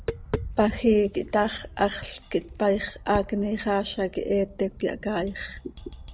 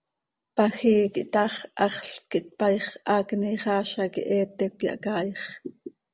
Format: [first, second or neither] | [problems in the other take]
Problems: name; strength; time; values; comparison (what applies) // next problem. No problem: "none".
second | background sound (Tap); 12 dB below the speech